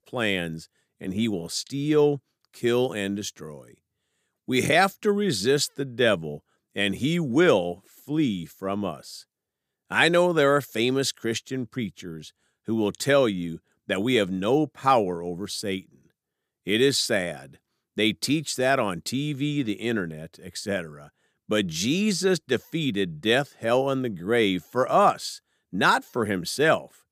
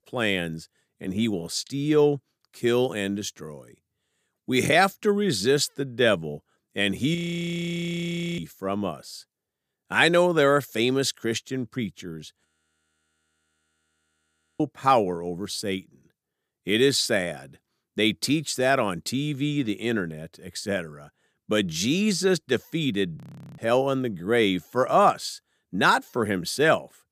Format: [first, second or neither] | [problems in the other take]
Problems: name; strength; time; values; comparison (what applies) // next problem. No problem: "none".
first | audio freezing; at 7 s for 1 s, at 12 s for 2 s and at 23 s